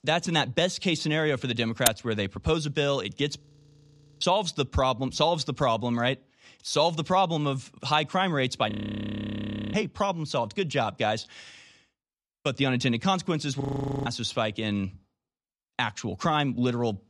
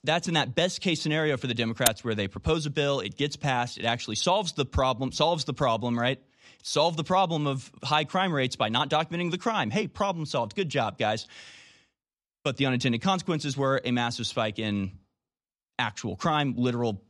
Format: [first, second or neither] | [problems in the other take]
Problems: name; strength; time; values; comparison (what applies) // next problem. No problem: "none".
second | audio freezing; at 3.5 s for 1 s, at 8.5 s for 1 s and at 14 s